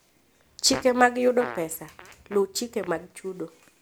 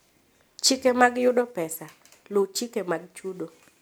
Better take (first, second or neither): second